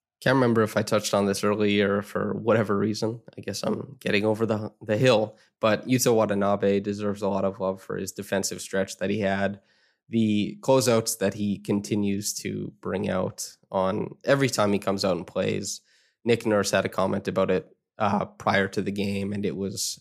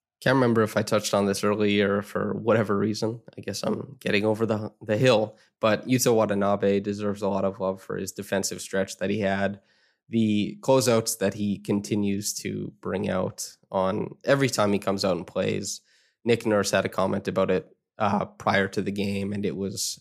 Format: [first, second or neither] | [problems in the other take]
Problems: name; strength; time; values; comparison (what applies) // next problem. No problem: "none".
neither | none